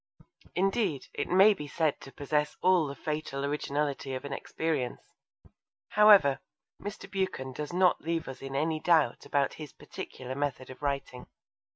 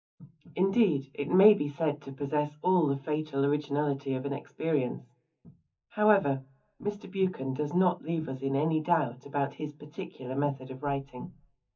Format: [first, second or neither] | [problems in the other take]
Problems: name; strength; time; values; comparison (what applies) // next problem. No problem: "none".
first | room echo; dies away in 0.3 s